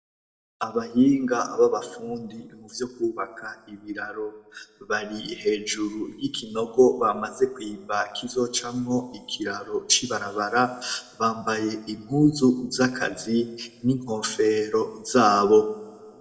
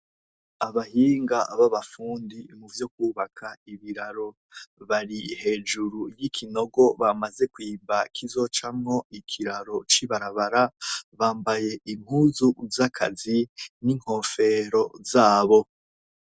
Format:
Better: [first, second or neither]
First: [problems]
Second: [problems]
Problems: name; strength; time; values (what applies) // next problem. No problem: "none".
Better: second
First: room echo; dies away in 1 s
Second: none